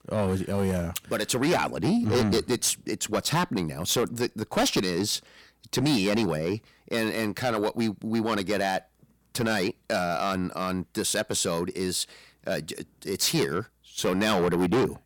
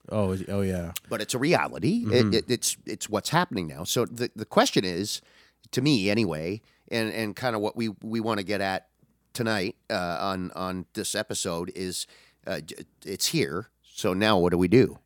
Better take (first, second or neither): second